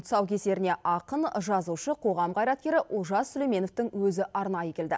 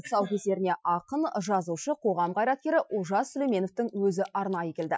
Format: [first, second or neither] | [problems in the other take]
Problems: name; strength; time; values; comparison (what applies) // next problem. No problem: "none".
first | noise reduction (classical method Wiener filter)